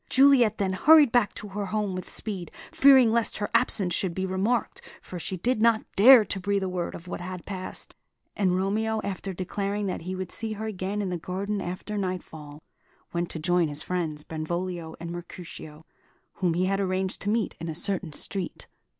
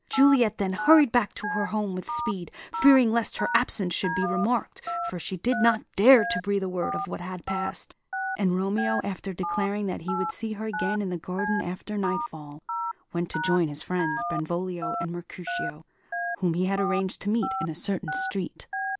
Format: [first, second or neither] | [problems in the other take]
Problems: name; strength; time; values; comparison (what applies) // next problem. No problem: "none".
first | background sound (Telephone); 7 dB below the speech